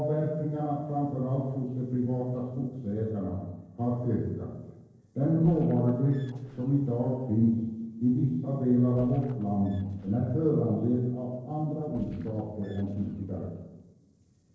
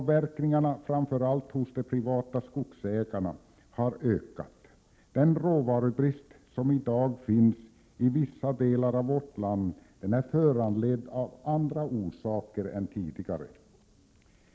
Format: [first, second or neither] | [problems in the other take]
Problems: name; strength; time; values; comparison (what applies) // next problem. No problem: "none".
second | noise reduction (neural separator model SepFormer DNS4)